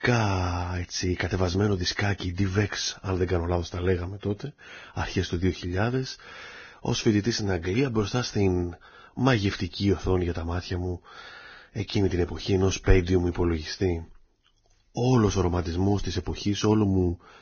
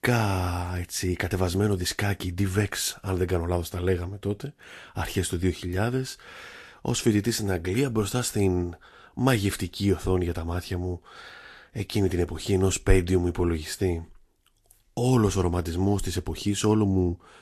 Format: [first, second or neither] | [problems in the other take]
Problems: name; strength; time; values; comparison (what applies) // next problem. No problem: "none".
second | garbled, watery; badly; nothing above 6.5 kHz; slightly in the second